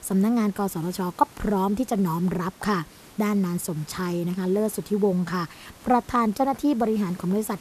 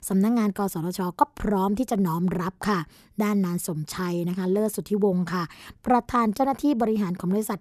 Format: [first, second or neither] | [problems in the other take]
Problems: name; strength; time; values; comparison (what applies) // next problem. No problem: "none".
second | hiss; faint; throughout; 25 dB below the speech